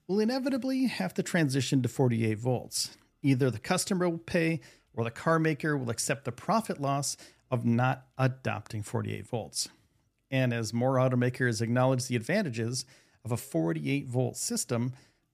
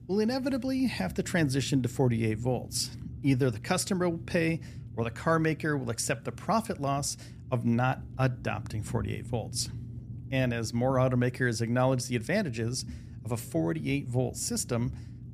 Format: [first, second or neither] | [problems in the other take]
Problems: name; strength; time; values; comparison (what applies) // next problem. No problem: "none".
first | low rumble; faint; throughout; 20 dB below the speech